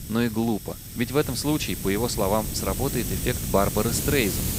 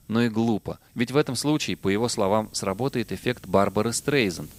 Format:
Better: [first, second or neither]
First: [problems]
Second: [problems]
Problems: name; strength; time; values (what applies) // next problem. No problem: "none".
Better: second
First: hiss; loud; throughout; 4 dB below the speech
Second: hiss; faint; throughout; 25 dB below the speech